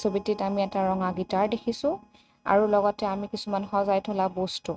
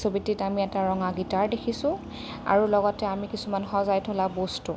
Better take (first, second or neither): second